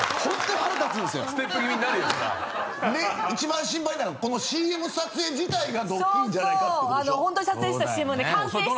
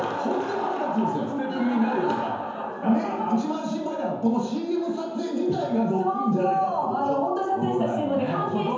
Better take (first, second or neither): first